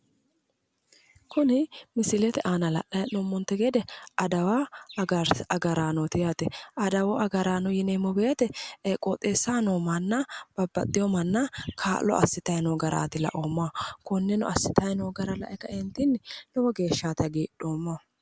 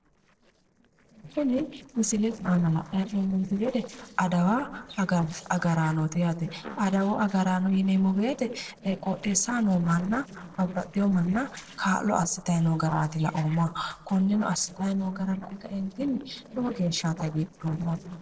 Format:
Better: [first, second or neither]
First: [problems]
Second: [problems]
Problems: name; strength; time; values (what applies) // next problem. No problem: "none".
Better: first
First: none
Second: noise reduction (neural separator model SepFormer DNS4)